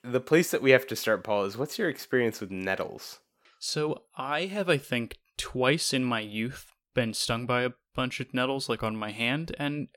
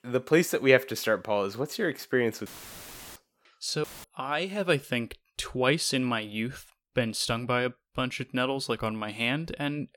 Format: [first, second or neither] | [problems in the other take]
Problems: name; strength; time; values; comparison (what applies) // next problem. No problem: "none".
first | audio cutting out; filled with static; at 2.5 s for 0.5 s and at 4 s